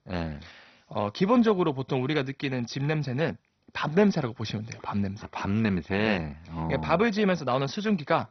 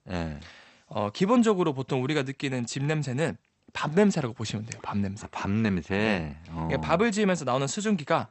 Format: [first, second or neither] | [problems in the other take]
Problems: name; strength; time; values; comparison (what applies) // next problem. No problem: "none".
second | garbled, watery; badly; nothing above 6 kHz; slightly in the second